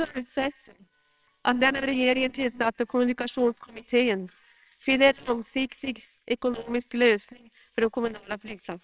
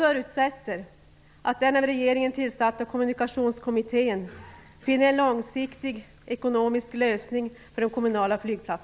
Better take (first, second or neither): second